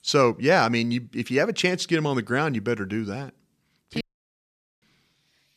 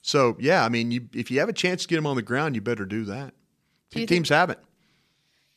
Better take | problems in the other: second | audio cutting out; at 4 s for 1 s

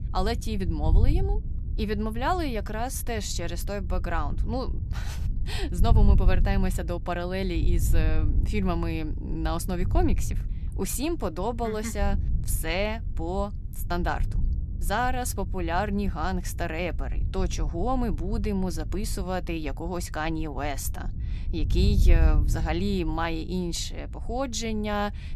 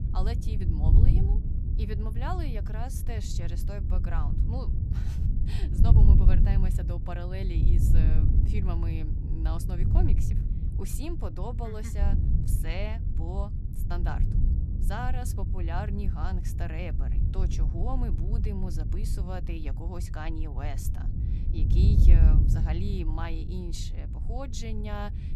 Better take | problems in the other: first | wind noise on the microphone; heavy; 2 dB below the speech; occasional gusts in the first

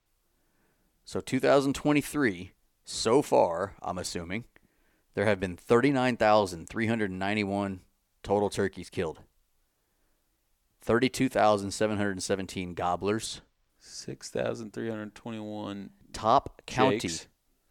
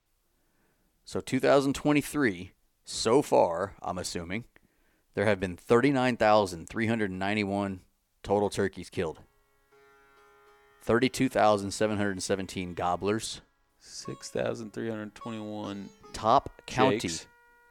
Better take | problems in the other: first | background music; faint; from 9.5 s on; 30 dB below the speech

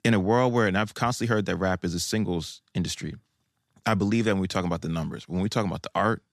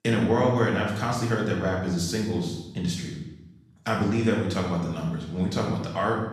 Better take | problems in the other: first | room echo; noticeable; dies away in 0.8 s // off-mic speech; far

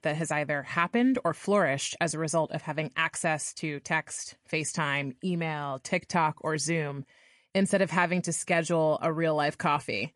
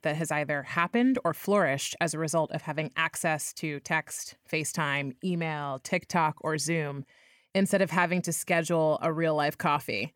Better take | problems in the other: second | garbled, watery; slightly; nothing above 9 kHz

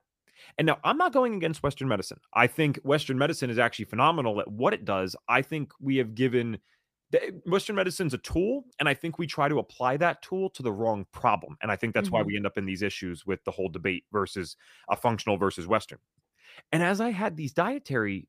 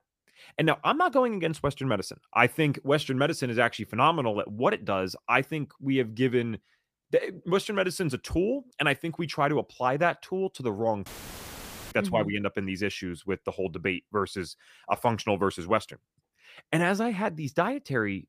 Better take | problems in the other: first | audio cutting out; filled with static; at 11 s for 1 s

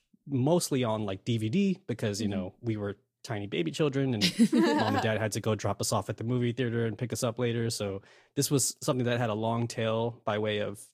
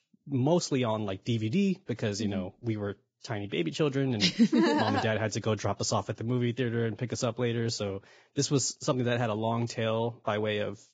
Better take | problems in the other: first | garbled, watery; badly; nothing above 7.5 kHz; slightly in the first

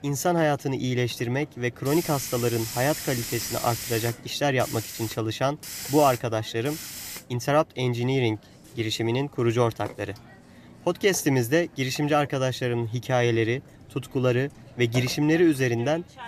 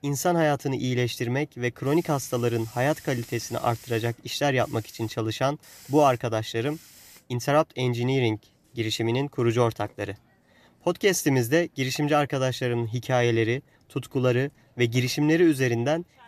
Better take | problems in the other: second | hiss; loud; throughout; 10 dB below the speech; faint in the second

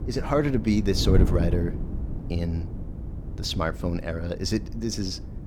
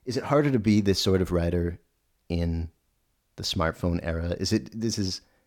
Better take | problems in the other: second | wind noise on the microphone; occasional gusts; 10 dB below the speech

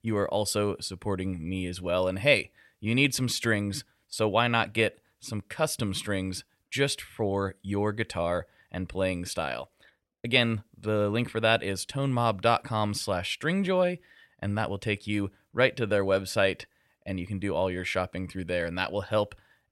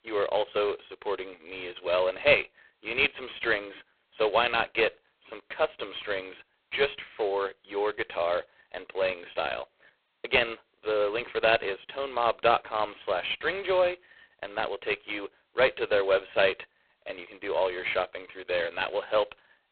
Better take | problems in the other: first | phone-call audio; poor line; nothing above 4 kHz

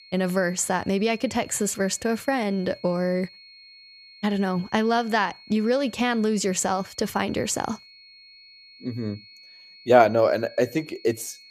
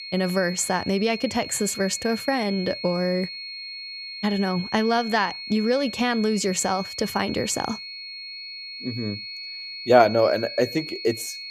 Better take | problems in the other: first | high-pitched whine; loud; throughout; 4.5 kHz, 9 dB below the speech; faint in the first

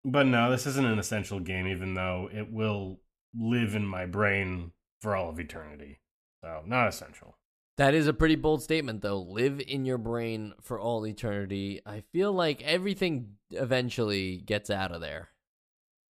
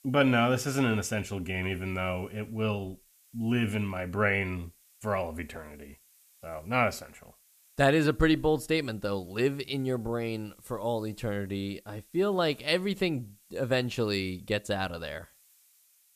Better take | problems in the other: first | hiss; faint; throughout; 30 dB below the speech

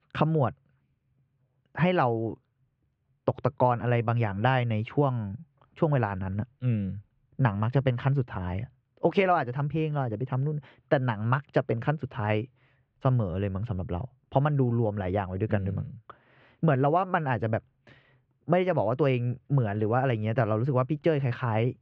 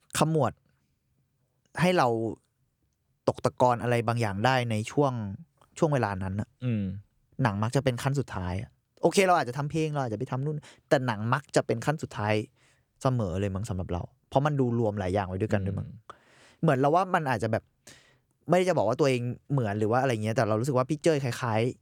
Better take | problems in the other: second | muffled; very; fading above 3 kHz

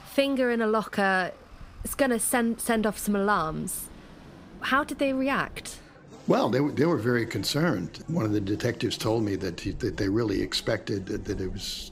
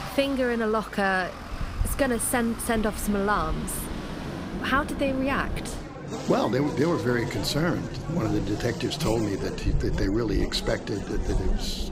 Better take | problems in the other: first | traffic noise; loud; throughout; 7 dB below the speech; faint in the first

